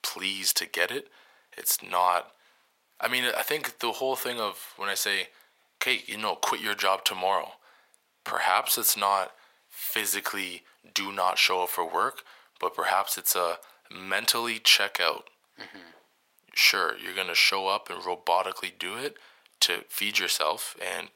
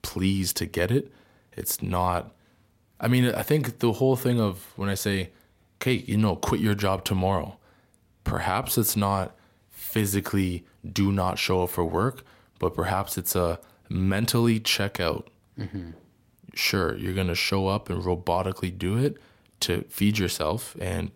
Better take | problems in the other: second | thin; very; fading below 800 Hz

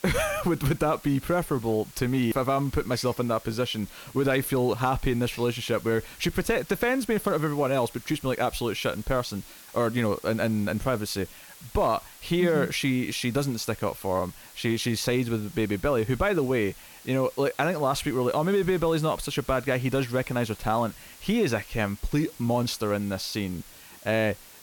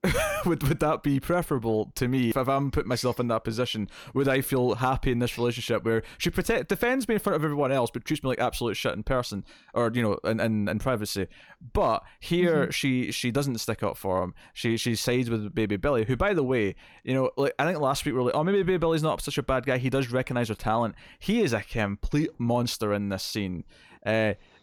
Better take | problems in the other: second | hiss; noticeable; throughout; 20 dB below the speech

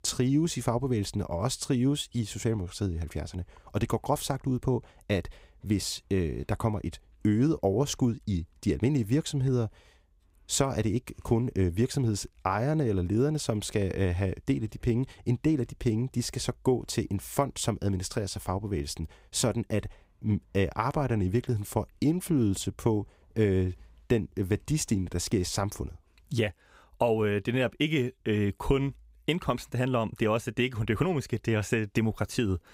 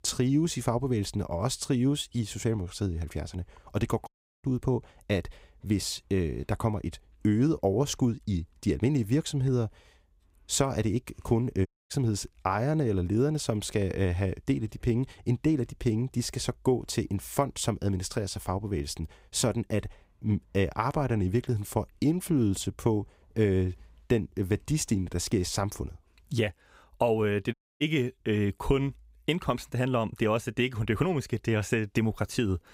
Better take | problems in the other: first | audio cutting out; at 4 s, at 12 s and at 28 s

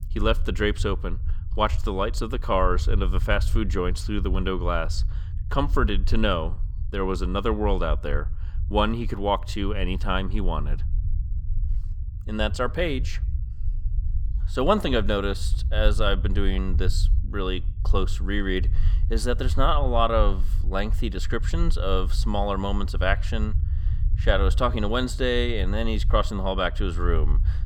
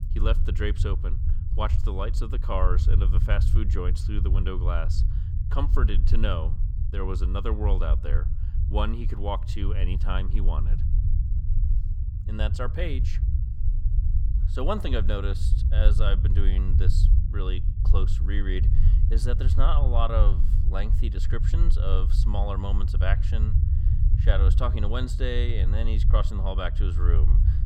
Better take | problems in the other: first | low rumble; loud; throughout; 9 dB below the speech; faint in the first

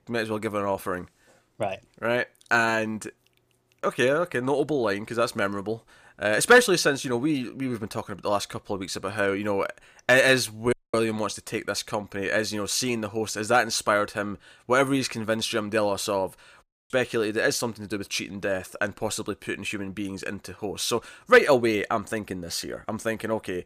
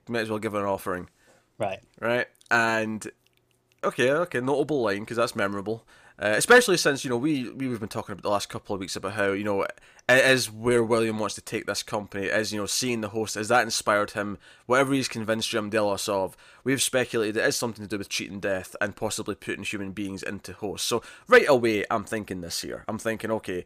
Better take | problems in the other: second | audio cutting out; at 11 s and at 17 s

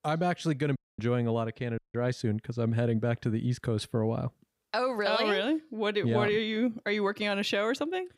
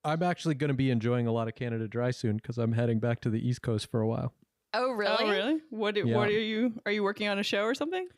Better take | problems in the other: second | audio cutting out; at 1 s and at 2 s

